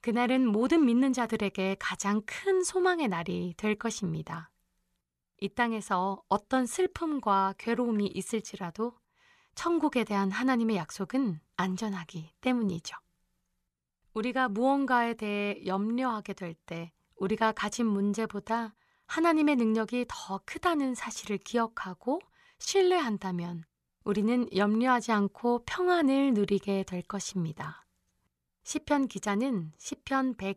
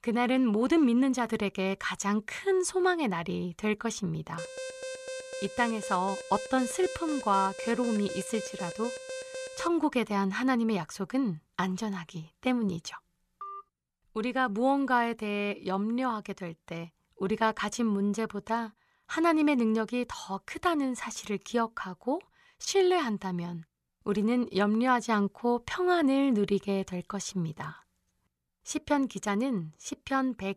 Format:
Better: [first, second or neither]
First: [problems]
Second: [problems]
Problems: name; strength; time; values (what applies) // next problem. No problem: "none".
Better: first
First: none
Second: alarm; noticeable; from 4.5 to 9.5 s; peak 9 dB below the speech // phone ringing; faint; at 13 s; peak 15 dB below the speech